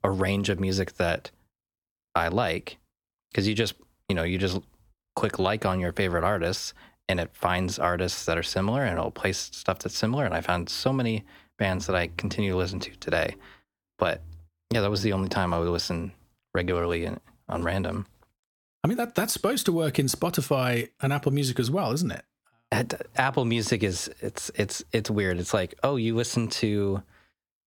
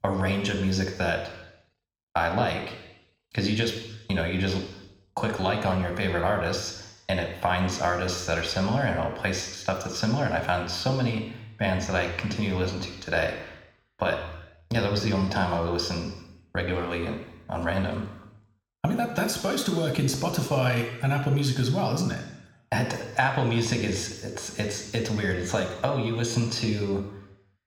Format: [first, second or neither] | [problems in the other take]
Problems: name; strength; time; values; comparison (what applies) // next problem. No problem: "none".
first | room echo; noticeable; dies away in 1 s